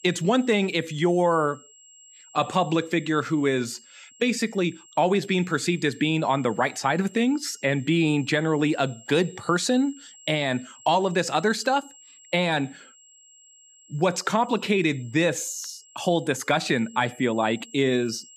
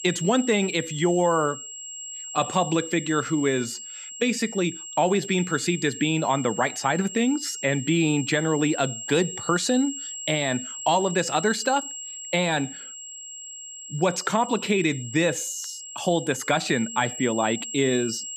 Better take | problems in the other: first | high-pitched whine; loud; throughout; 7.5 kHz, 9 dB below the speech; faint in the first

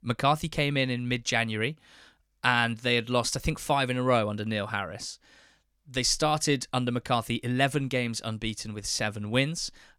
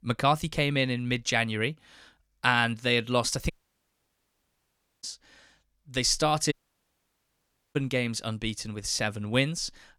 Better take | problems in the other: first | audio cutting out; at 3.5 s for 1.5 s and at 6.5 s for 1 s

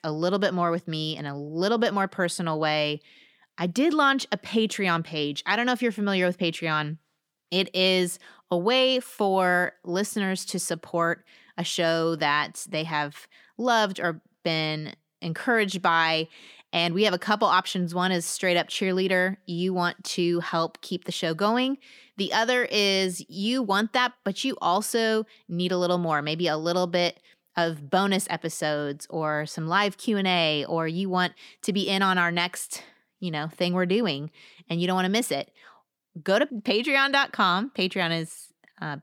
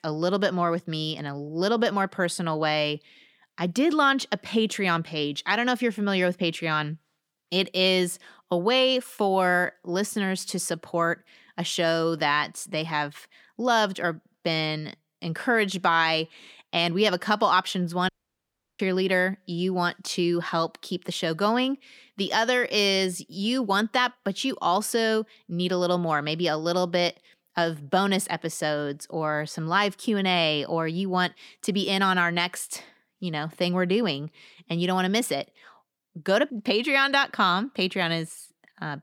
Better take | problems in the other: first | audio cutting out; at 18 s for 0.5 s

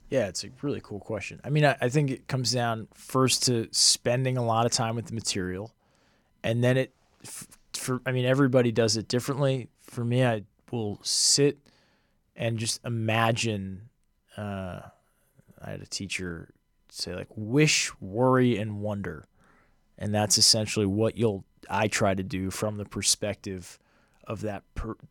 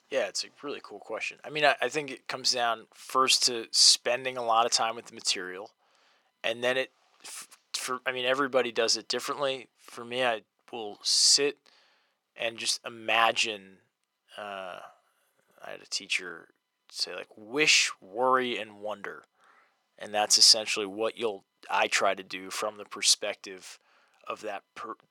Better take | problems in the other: first | thin; very; fading below 450 Hz

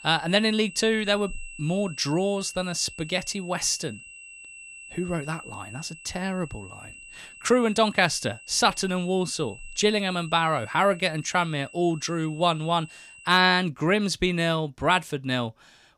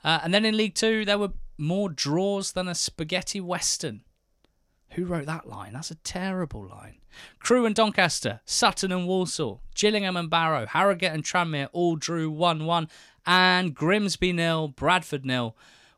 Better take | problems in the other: second | high-pitched whine; noticeable; until 13 s; 2.5 kHz, 20 dB below the speech

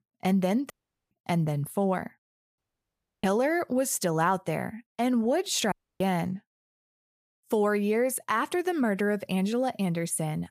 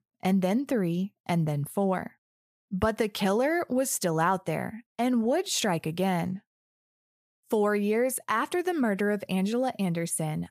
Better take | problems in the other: second | audio cutting out; at 0.5 s, at 2.5 s for 0.5 s and at 5.5 s

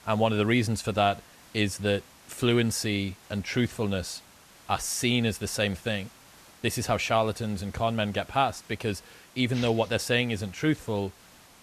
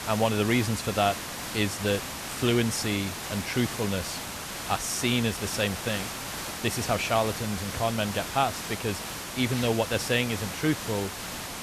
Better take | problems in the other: first | hiss; loud; throughout; 6 dB below the speech; faint in the first

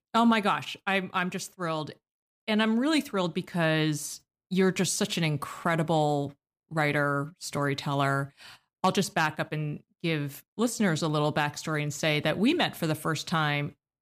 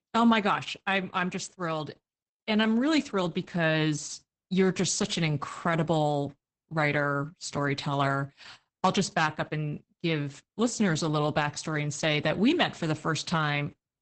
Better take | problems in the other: first | garbled, watery; badly; nothing above 8 kHz

